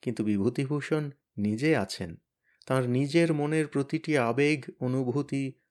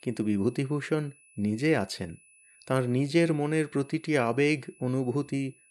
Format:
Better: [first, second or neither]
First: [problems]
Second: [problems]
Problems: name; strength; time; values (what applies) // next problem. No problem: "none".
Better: first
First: none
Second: high-pitched whine; faint; throughout; 2.5 kHz, 30 dB below the speech